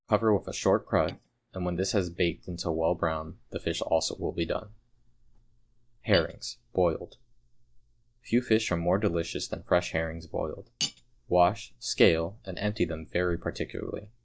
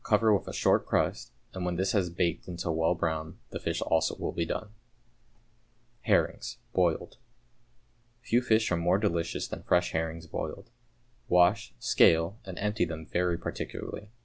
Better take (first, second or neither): second